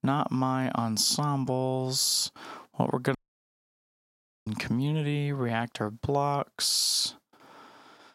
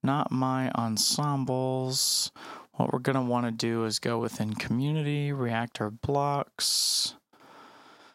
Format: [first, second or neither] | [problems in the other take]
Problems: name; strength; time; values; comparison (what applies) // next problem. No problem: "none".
second | audio cutting out; at 3 s for 1.5 s